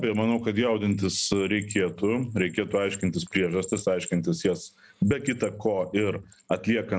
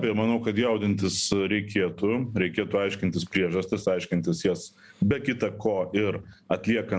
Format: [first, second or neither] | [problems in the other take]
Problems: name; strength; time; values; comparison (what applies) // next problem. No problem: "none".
second | noise reduction (neural mask model RNNoise)